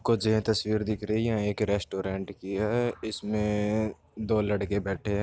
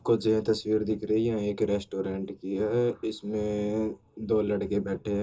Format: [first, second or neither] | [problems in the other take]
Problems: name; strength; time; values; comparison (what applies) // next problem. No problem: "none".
first | room echo; dies away in 0.2 s